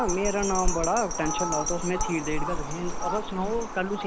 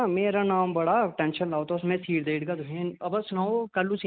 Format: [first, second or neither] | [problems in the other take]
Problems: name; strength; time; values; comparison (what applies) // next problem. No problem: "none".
second | background sound (Fowl + Bell); 1 dB below the speech